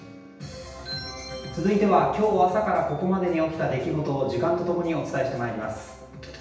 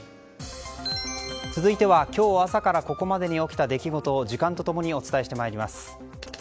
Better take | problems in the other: second | room echo; dies away in 0.9 s

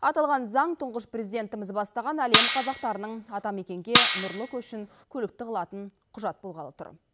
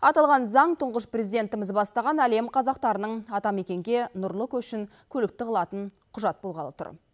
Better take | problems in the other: second | background sound (Cutlery, silverware); 5 dB above the speech

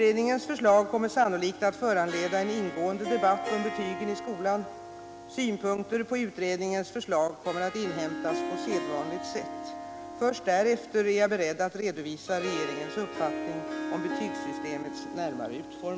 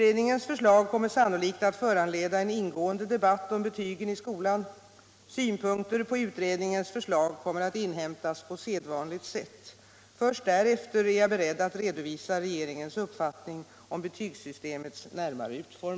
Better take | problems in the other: second | background sound (Harp); 8 dB below the speech

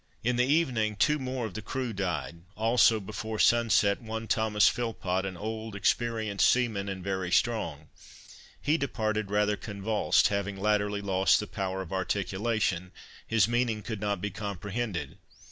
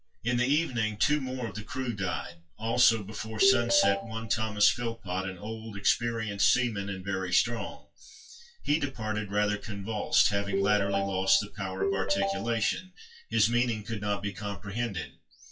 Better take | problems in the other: first | noise reduction (classical method WPE with log-MMSE)

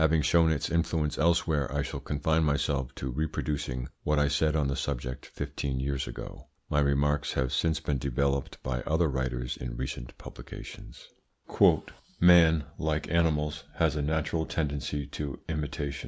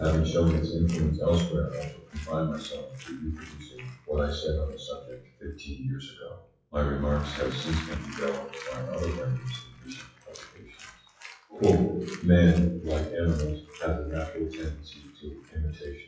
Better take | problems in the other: first | noise reduction (classical method WPE with log-MMSE)

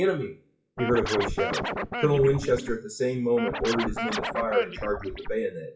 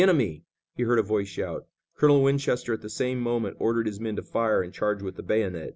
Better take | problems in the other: second | noise reduction (classical method WPE with log-MMSE)

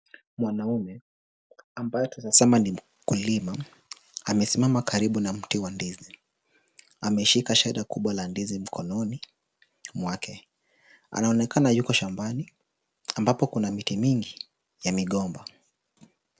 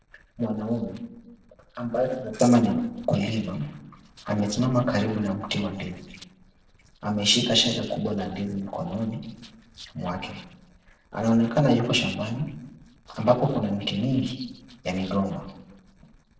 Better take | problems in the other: first | noise reduction (neural separator model SepFormer DNS4)

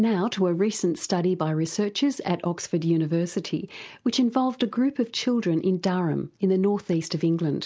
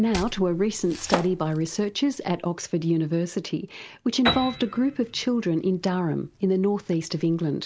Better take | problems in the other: first | background sound (Domestic sounds, home sounds + Piano); 11 dB below the speech

